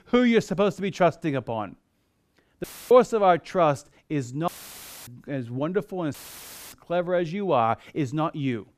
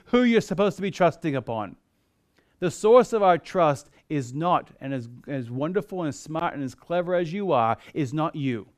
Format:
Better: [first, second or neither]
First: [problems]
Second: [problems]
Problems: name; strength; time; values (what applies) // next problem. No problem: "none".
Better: second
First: audio cutting out; filled with static; at 2.5 s, at 4.5 s for 0.5 s and at 6 s for 0.5 s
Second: none